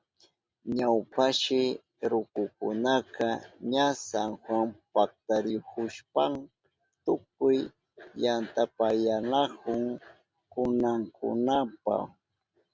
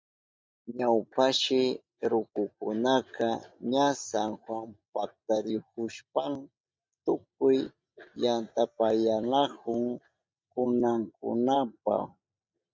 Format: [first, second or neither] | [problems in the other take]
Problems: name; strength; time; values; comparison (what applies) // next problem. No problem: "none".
first | noise reduction (neural mask model DeepFilterNet 3)